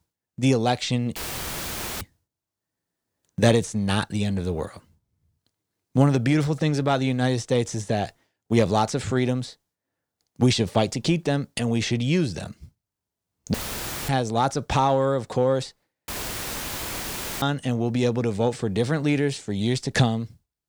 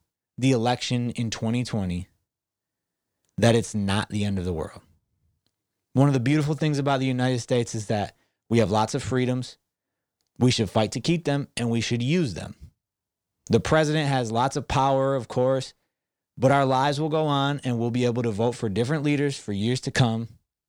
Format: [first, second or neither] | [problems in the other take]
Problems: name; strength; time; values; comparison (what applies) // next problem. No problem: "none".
second | audio cutting out; filled with static; at 1 s for 1 s, at 14 s for 0.5 s and at 16 s for 1.5 s